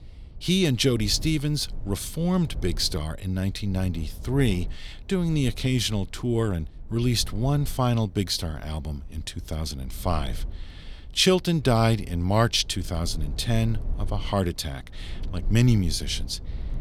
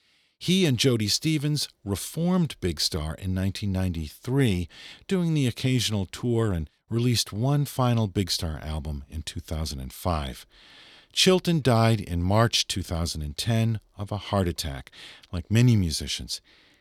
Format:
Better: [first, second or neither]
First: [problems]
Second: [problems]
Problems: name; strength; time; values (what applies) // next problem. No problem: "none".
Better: second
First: low rumble; faint; throughout; 25 dB below the speech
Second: none